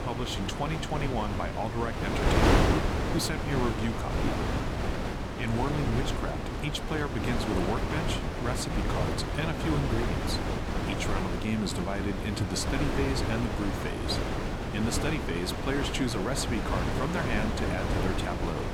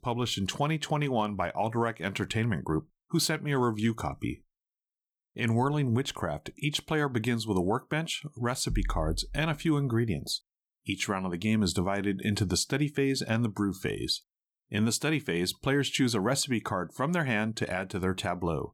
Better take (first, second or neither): second